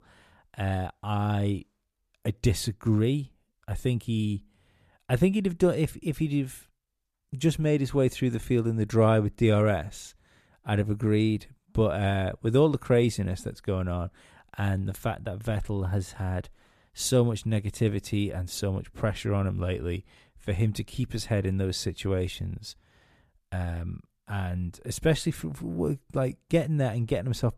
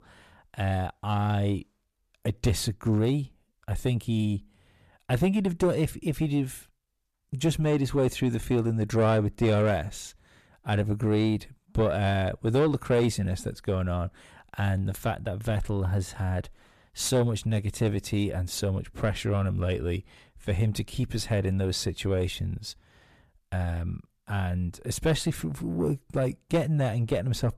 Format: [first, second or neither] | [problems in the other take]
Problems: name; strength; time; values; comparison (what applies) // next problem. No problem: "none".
first | distortion; slight; 10 dB below the speech